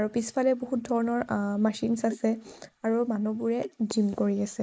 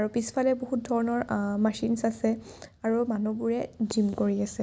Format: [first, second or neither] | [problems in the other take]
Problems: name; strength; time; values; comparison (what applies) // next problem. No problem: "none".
second | noise reduction (neural mask model Resemble Enhance denoiser)